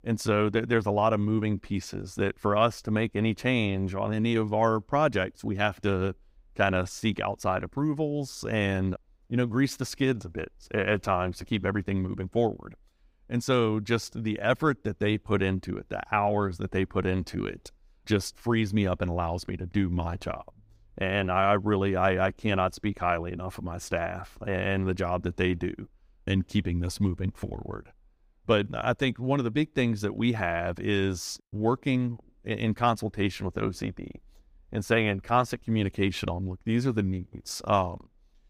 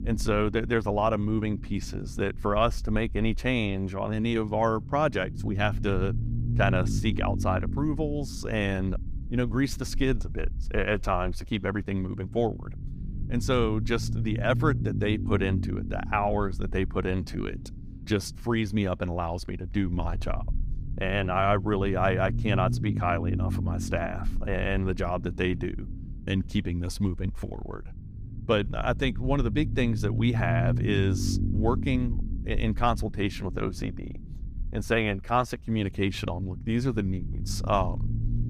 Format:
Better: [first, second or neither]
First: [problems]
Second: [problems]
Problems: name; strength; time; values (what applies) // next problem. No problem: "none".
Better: first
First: none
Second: low rumble; noticeable; throughout; 15 dB below the speech